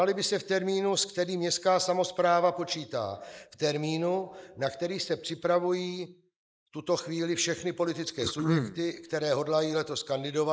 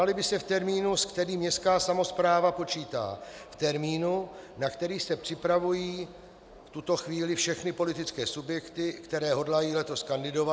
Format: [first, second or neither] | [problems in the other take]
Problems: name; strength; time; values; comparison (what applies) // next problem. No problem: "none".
second | noise reduction (neural mask model Resemble Enhance denoiser)